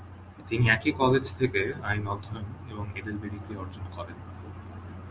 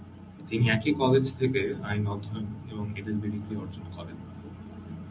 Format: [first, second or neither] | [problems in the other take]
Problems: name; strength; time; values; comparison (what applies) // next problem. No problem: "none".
first | room echo; dies away in 0.4 s